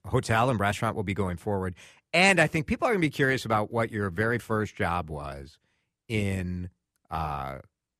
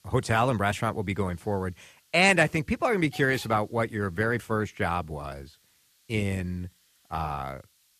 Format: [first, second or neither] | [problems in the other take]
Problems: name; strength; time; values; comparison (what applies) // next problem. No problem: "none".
first | hiss; faint; throughout; 30 dB below the speech